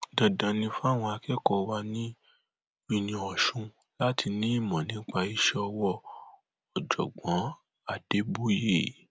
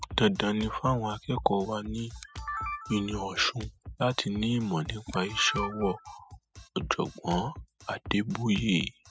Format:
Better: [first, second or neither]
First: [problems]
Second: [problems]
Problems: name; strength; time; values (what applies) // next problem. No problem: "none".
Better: first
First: none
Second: noise reduction (classical method spectral subtraction)